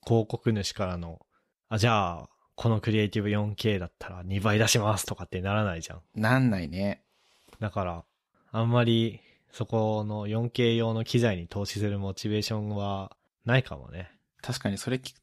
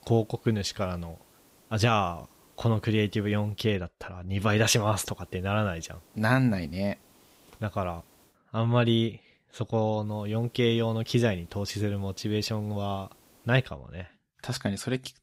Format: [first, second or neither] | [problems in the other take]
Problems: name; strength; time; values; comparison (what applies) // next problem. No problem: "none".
first | hiss; faint; until 3.5 s, from 4.5 to 8.5 s and from 10 to 14 s; 30 dB below the speech